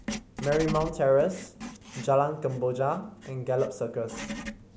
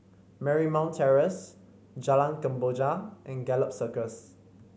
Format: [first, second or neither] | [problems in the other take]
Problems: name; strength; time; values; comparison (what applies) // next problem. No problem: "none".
second | background sound (Writing); 12 dB below the speech